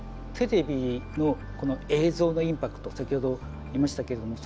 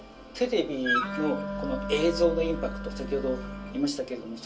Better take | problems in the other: first | background sound (Wind instrument, woodwind instrument); 5 dB below the speech // room echo; dies away in 0.2 s

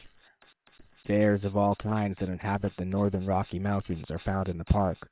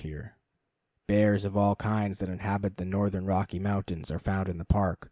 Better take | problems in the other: second | noise reduction (neural separator model SepFormer WHAM!)

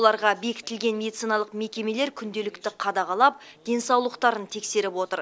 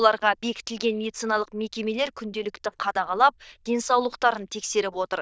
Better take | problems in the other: first | noise reduction (neural diffusion model UNIVERSE++)

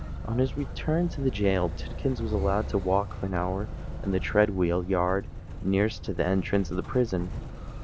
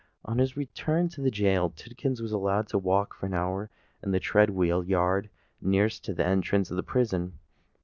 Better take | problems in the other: second | background sound (Motor vehicle (road)); 7 dB below the speech

